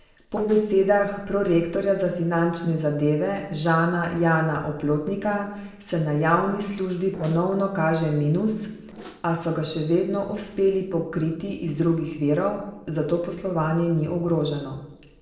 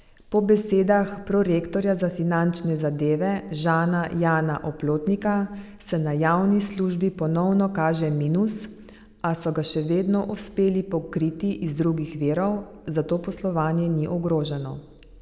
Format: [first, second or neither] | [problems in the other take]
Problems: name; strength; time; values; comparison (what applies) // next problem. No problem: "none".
second | noise reduction (neural separator model SepFormer DNS4)